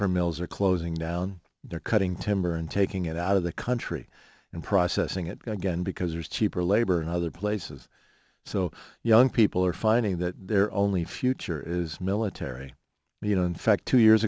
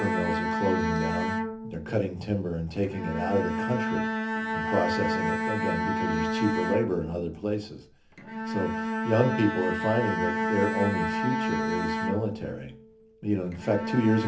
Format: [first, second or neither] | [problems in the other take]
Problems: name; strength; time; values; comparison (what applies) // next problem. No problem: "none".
first | background sound (Bowed string instrument); 1 dB below the speech // room echo; dies away in 0.3 s